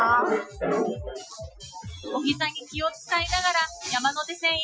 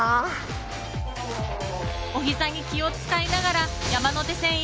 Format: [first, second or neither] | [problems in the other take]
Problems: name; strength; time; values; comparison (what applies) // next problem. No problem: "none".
second | noise reduction (classical method Wiener filter)